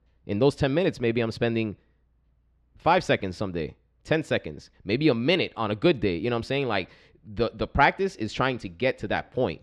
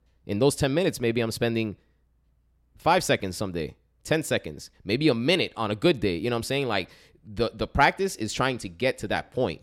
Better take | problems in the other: second | muffled; very slightly; fading above 3.5 kHz

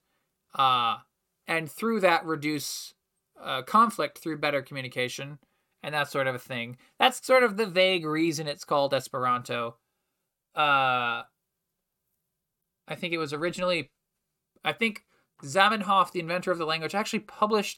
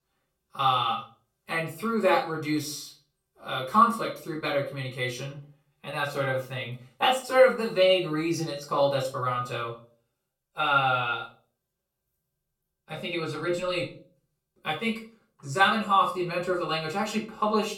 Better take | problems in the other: first | off-mic speech; far // room echo; slight; dies away in 0.3 s

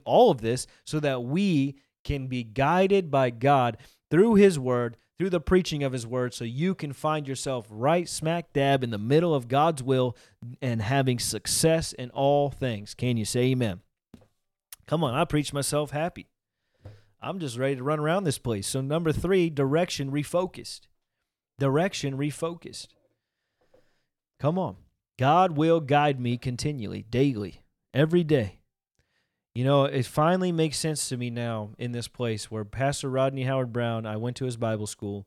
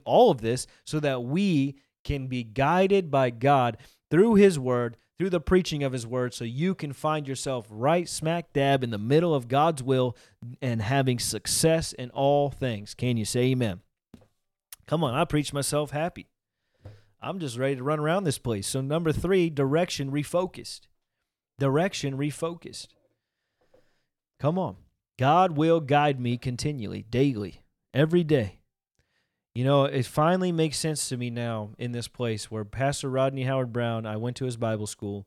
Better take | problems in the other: neither | none

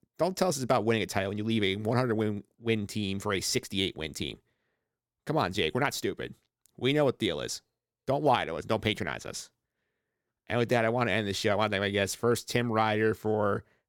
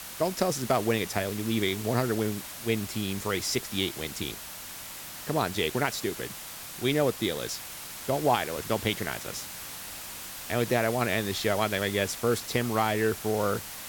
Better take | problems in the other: first | hiss; loud; throughout; 9 dB below the speech

